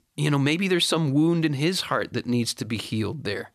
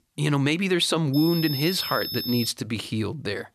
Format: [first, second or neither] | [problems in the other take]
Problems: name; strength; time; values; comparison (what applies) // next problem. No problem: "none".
first | high-pitched whine; loud; from 1 to 2.5 s; 5 kHz, 6 dB below the speech